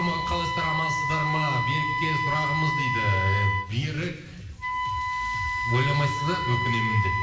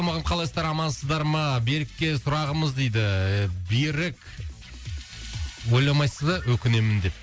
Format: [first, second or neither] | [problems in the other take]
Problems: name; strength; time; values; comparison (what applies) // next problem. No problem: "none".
second | background sound (Wind instrument, woodwind instrument); as loud as the speech // room echo; dies away in 1.1 s